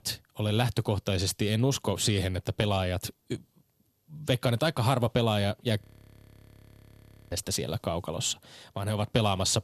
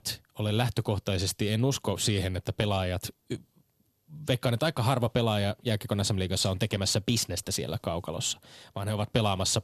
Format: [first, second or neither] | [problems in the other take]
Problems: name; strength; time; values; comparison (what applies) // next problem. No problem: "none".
second | audio freezing; at 6 s for 1.5 s